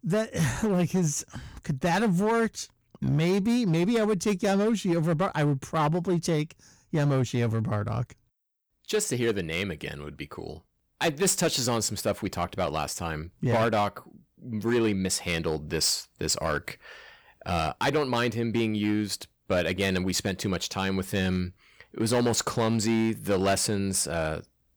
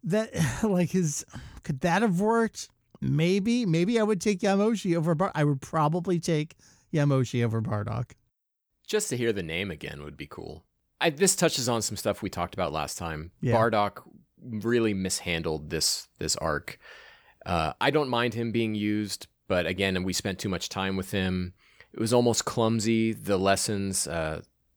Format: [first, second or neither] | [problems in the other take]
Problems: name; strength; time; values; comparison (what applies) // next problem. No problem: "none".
second | distortion; slight; 7% of the sound clipped